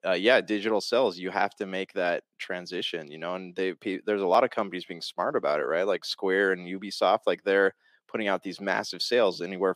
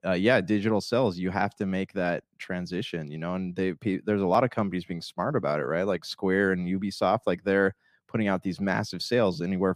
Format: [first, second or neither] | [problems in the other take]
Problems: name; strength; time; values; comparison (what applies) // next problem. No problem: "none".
second | thin; somewhat; fading below 400 Hz